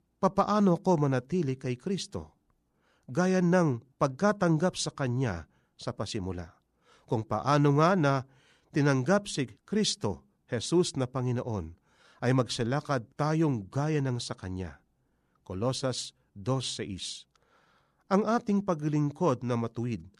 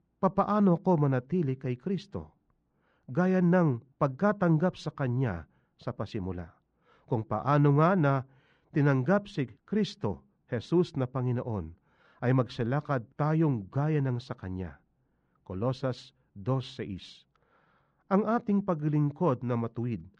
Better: first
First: none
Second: muffled; slightly; fading above 2.5 kHz

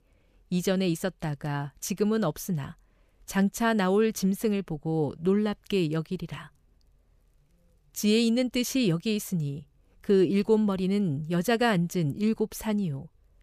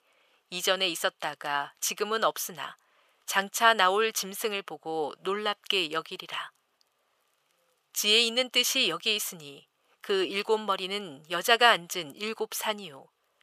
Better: first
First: none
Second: thin; very; fading below 750 Hz

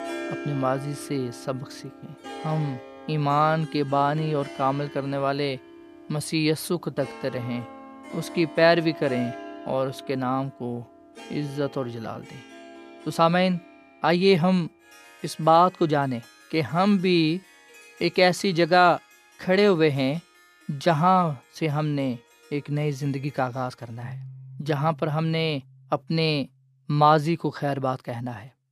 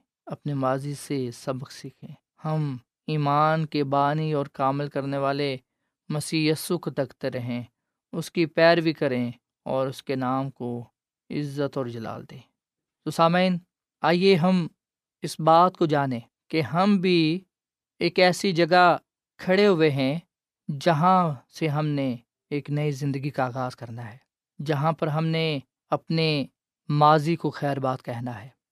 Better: second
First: background music; noticeable; throughout; 20 dB below the speech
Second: none

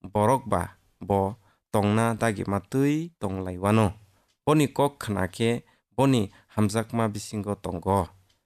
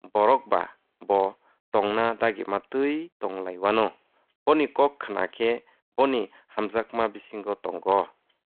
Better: first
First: none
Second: phone-call audio

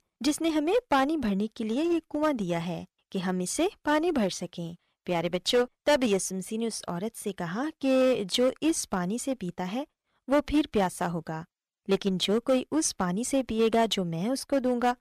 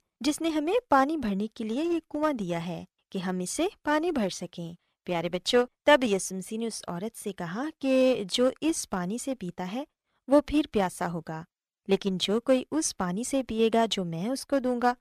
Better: second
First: distortion; slight; 3% of the sound clipped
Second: none

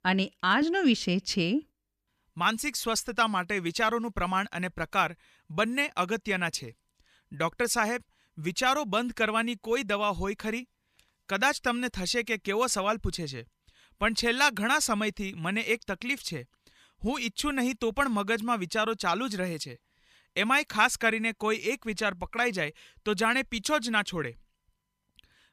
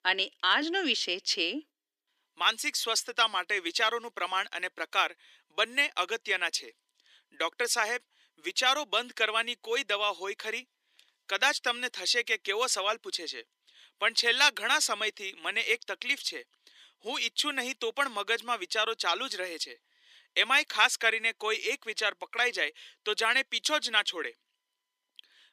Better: first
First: none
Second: thin; somewhat; fading below 300 Hz

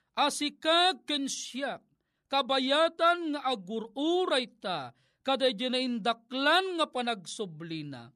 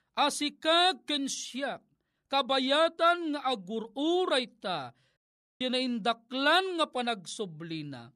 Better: first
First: none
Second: audio cutting out; at 5 s

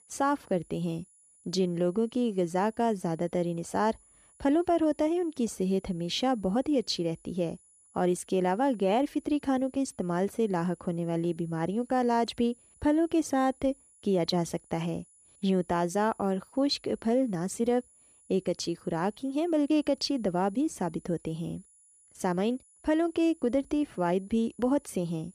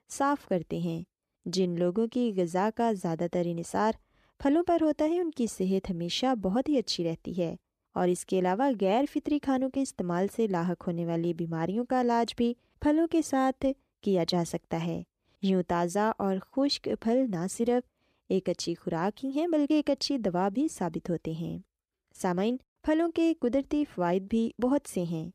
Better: second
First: high-pitched whine; faint; throughout; 10 kHz, 30 dB below the speech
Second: none

